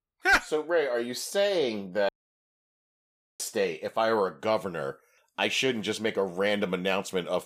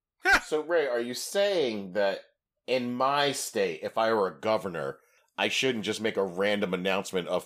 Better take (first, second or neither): second